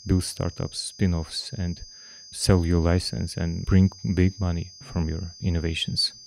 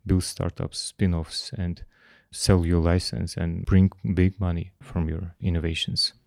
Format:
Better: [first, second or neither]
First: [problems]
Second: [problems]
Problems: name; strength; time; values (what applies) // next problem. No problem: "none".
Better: second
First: high-pitched whine; noticeable; throughout; 5 kHz, 20 dB below the speech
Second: none